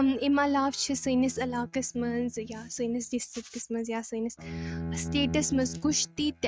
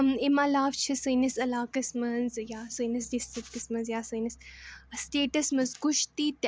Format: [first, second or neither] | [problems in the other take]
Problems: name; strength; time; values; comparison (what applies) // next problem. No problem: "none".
second | noise reduction (neural mask model RNNoise)